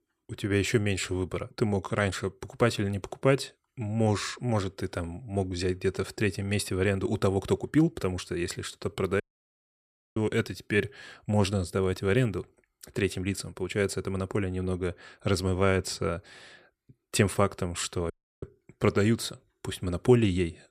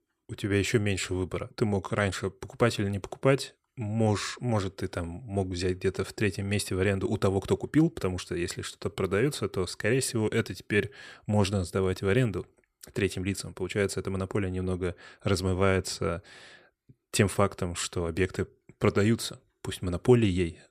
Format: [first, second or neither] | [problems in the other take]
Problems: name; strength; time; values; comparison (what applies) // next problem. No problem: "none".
second | audio cutting out; at 9 s for 1 s and at 18 s